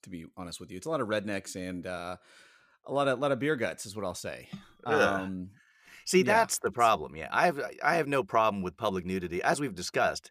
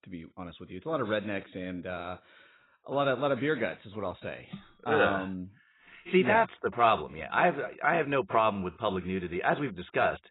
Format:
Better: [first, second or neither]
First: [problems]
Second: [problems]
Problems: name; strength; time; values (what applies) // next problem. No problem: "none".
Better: first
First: none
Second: garbled, watery; badly; nothing above 4 kHz